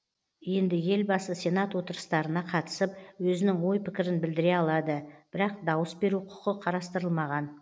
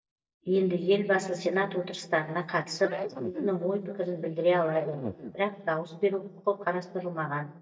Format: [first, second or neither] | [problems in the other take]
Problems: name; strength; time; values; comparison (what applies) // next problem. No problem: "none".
first | noise reduction (neural mask model DeepFilterNet 3)